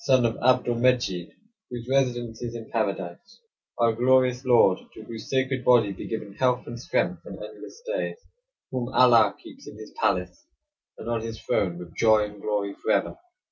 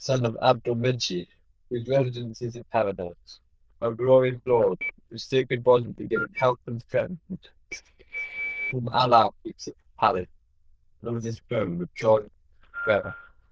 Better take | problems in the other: first | noise reduction (neural diffusion model UNIVERSE++)

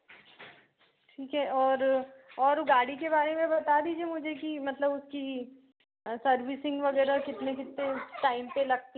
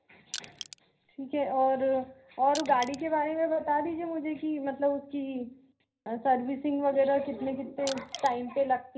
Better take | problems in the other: first | background sound (Crushing); 14 dB below the speech // room echo; dies away in 0.5 s

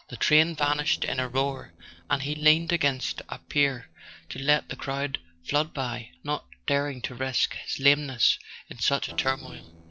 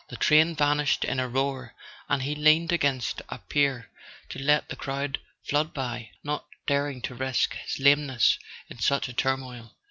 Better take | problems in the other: second | noise reduction (neural separator model SepFormer DNS4)

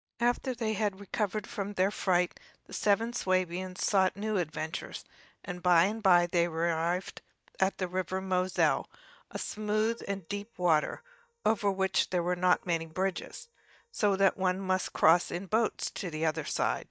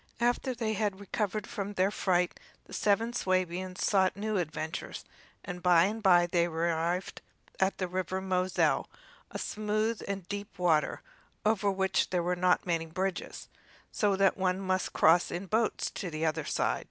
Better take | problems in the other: second | noise reduction (neural mask model DeepFilterNet 3)

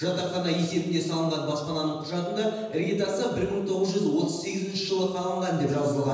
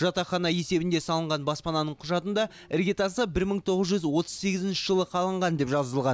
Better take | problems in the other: second | room echo; dies away in 1.1 s

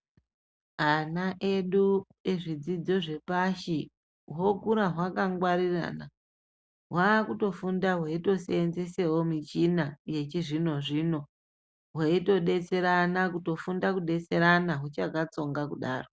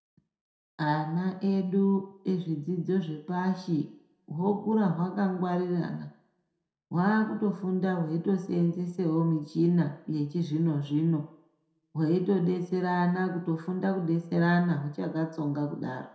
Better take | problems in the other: first | room echo; dies away in 0.6 s

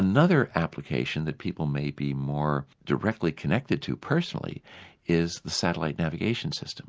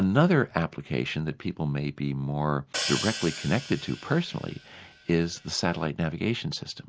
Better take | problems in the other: first | background sound (Hi-hat); 10 dB below the speech

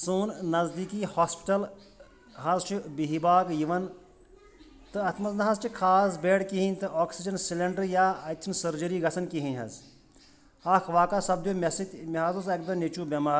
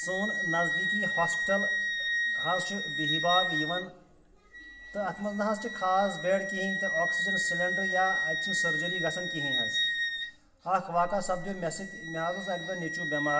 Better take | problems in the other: first | background sound (Wind instrument, woodwind instrument); as loud as the speech // room echo; dies away in 0.7 s

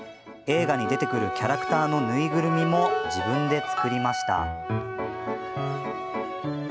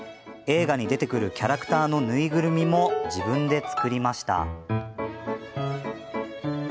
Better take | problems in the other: second | background sound (Wind instrument, woodwind instrument); 5 dB below the speech

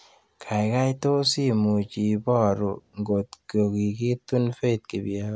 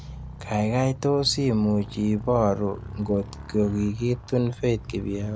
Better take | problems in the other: first | background sound (Motorcycle + Bass guitar); 13 dB below the speech

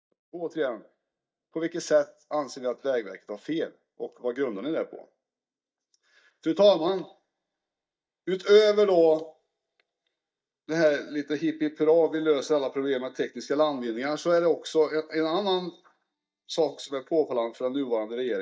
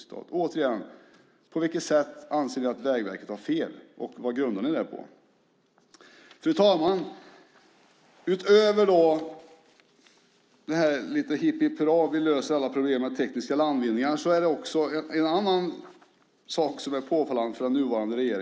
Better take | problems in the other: second | noise reduction (neural mask model DeepFilterNet 3)

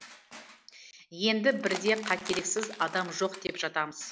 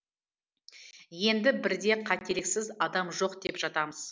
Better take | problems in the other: second | background sound (Crushing); 13 dB below the speech

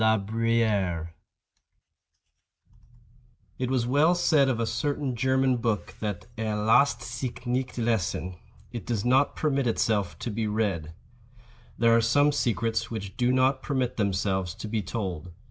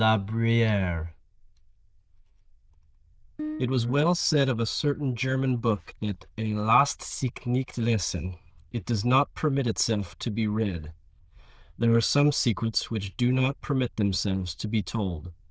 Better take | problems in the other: first | noise reduction (neural diffusion model UNIVERSE++)

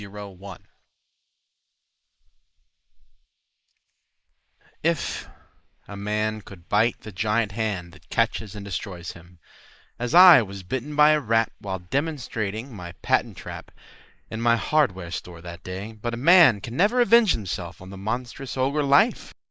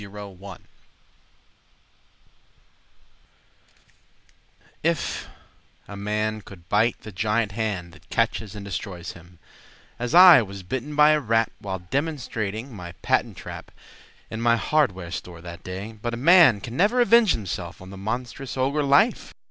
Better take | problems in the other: second | noise reduction (neural mask model Resemble Enhance denoiser)

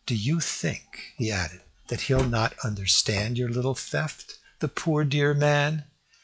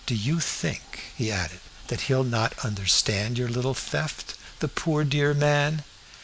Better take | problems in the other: second | noise reduction (classical method log-MMSE)

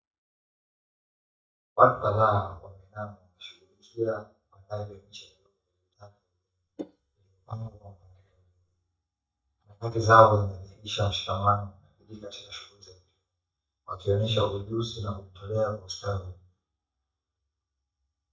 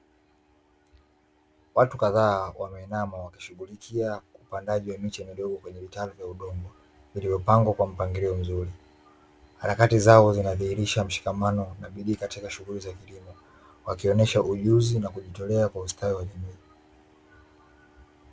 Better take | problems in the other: second | noise reduction (neural mask model DeepFilterNet 3)

